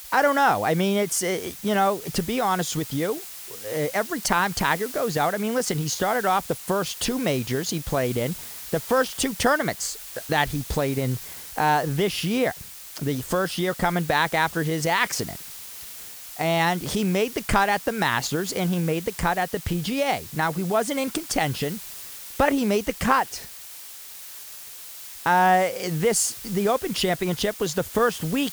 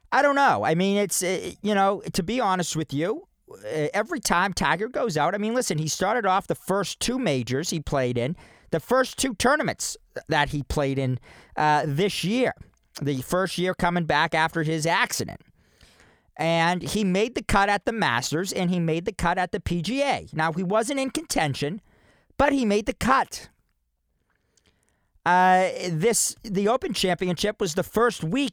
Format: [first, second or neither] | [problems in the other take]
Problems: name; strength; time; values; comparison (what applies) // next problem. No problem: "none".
second | hiss; noticeable; throughout; 10 dB below the speech